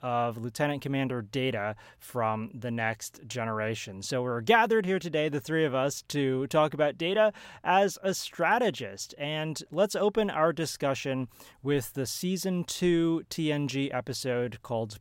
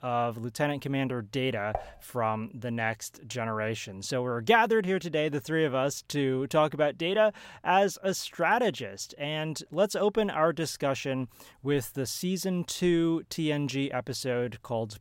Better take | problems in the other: first | clattering dishes; noticeable; at 1.5 s; peak 9 dB below the speech

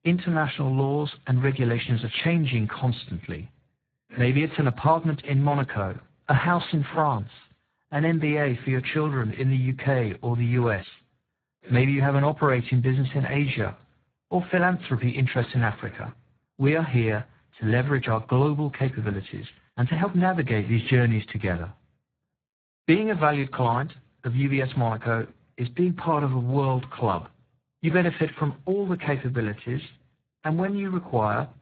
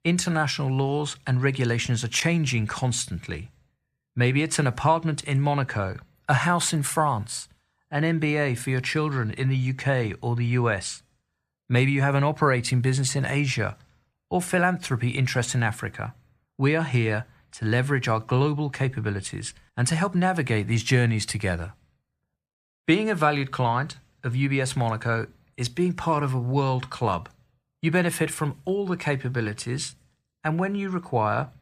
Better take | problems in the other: second | garbled, watery; badly; nothing above 4 kHz

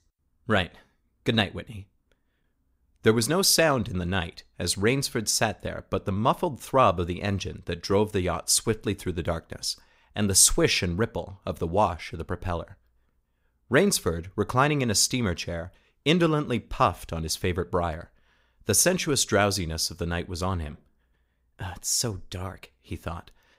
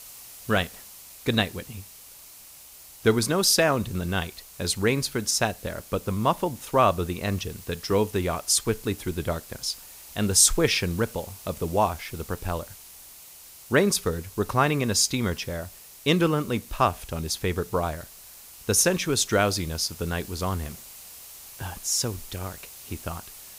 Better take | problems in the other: first | hiss; noticeable; throughout; 20 dB below the speech

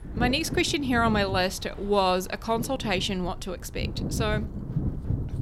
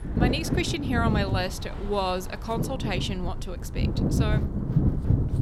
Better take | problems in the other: first | wind noise on the microphone; heavy; 6 dB below the speech; occasional gusts in the first

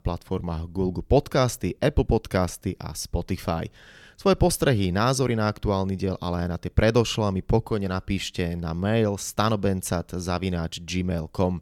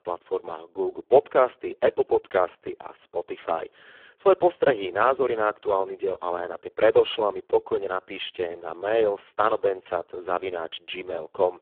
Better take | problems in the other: first | phone-call audio; poor line

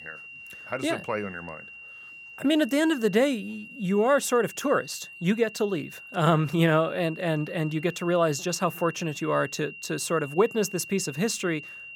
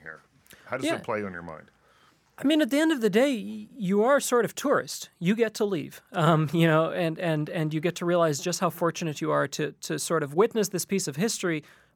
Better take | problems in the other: second | high-pitched whine; noticeable; throughout; 3 kHz, 15 dB below the speech

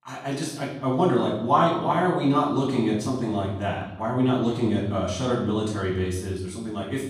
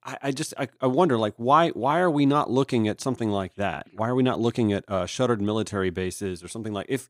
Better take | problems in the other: second | room echo; noticeable; dies away in 0.8 s // off-mic speech; far

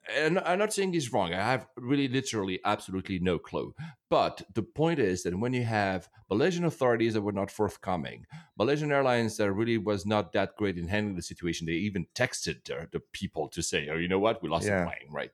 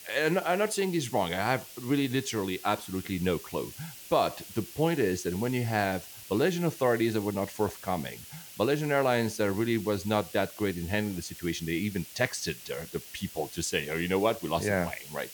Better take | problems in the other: first | hiss; noticeable; throughout; 15 dB below the speech

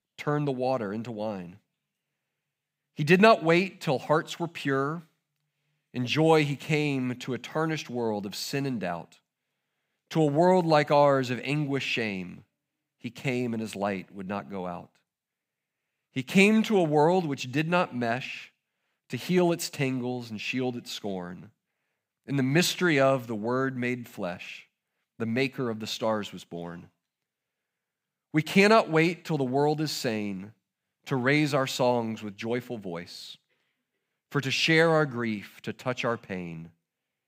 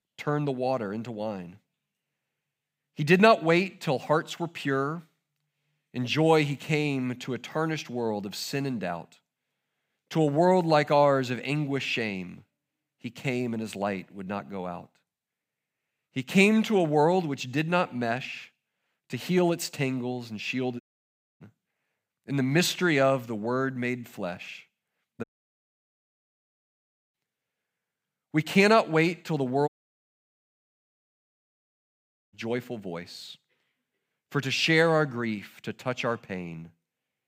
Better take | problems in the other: first | audio cutting out; at 21 s for 0.5 s, at 25 s for 2 s and at 30 s for 2.5 s

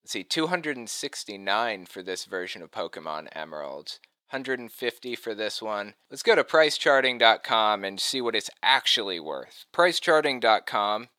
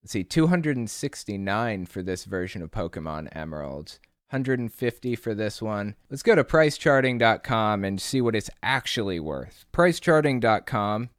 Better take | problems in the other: second | thin; somewhat; fading below 450 Hz

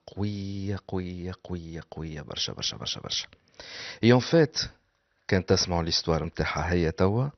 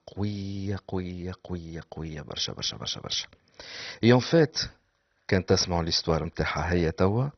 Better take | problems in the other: first | garbled, watery; badly; nothing above 6 kHz; slightly in the first

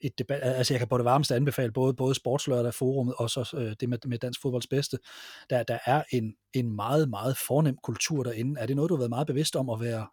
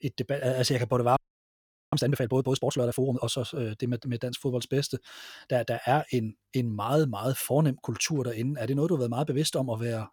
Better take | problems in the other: first | audio freezing; at 1 s for 1 s

